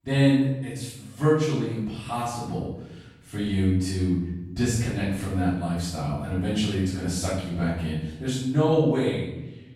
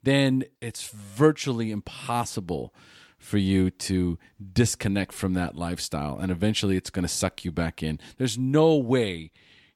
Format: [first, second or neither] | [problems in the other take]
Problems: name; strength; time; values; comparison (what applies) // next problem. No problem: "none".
second | room echo; noticeable; dies away in 0.9 s // off-mic speech; far